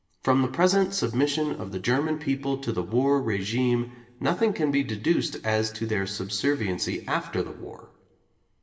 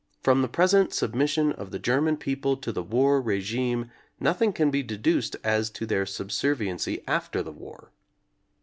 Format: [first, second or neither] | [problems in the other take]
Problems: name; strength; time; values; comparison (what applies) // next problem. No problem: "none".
second | room echo; dies away in 0.9 s